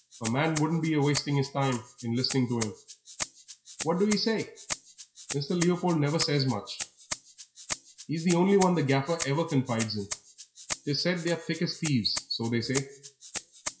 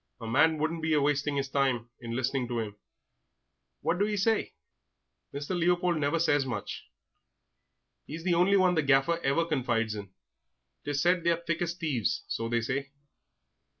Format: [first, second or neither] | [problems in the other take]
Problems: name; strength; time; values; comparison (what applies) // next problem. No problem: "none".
second | noise reduction (classical method WPE with log-MMSE)